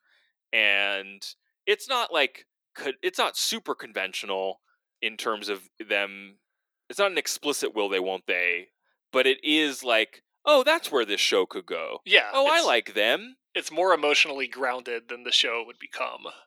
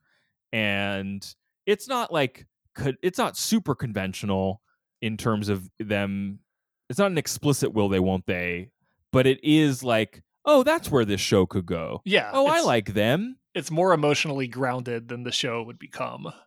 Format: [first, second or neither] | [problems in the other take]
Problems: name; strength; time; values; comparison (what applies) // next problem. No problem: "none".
second | thin; somewhat; fading below 350 Hz